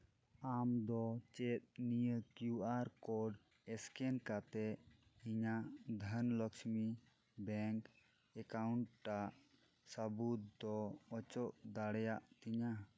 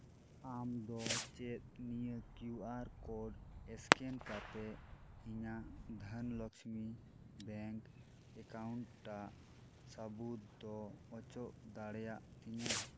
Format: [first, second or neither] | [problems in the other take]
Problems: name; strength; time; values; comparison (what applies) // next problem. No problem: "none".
first | background sound (Fireworks); 1 dB above the speech